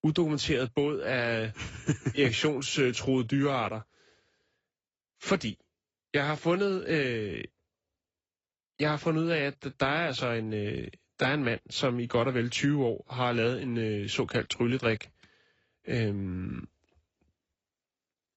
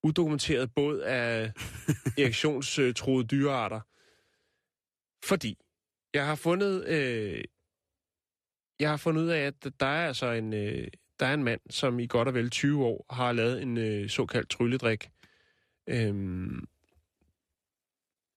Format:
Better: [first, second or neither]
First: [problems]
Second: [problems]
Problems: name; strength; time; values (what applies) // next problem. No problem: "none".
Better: second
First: garbled, watery; badly; nothing above 8 kHz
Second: none